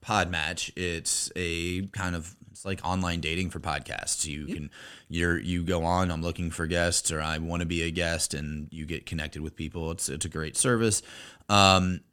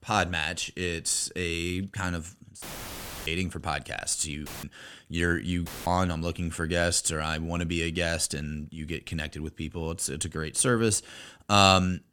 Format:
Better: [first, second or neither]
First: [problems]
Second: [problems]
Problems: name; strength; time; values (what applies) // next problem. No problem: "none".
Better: first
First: none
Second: audio cutting out; filled with static; at 2.5 s for 0.5 s, at 4.5 s and at 5.5 s